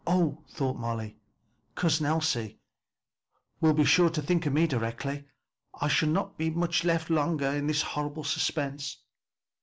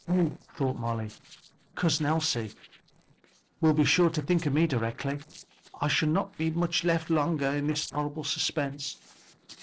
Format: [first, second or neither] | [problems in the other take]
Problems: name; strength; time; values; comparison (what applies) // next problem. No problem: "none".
first | noise reduction (neural separator model SepFormer DNS4)